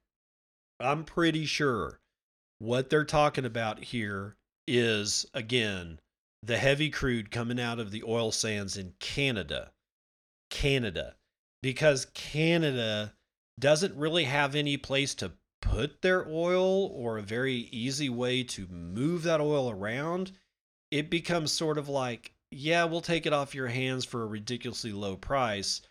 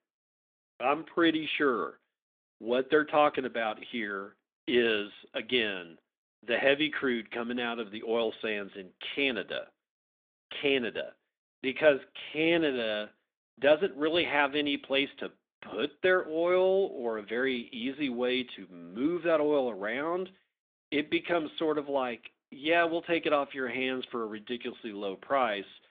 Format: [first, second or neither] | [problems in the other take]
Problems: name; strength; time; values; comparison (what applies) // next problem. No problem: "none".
first | phone-call audio